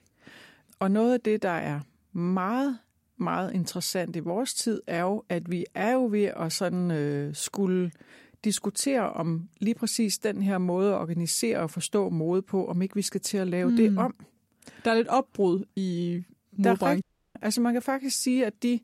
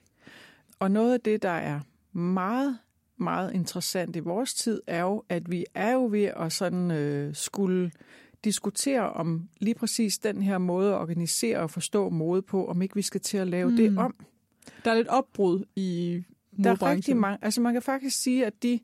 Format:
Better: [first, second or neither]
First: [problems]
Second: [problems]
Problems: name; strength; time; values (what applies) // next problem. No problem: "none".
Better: second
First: audio cutting out; at 17 s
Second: none